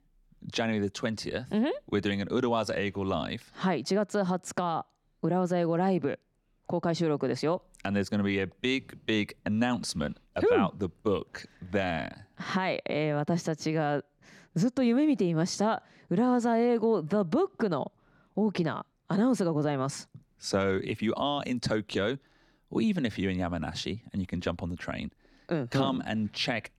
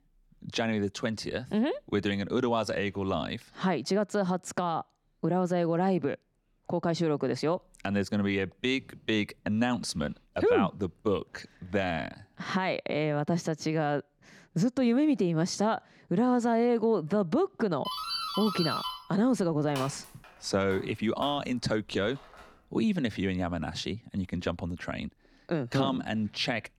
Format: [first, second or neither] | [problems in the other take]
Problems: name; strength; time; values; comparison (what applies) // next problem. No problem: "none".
first | doorbell; noticeable; from 18 to 22 s; peak 2 dB below the speech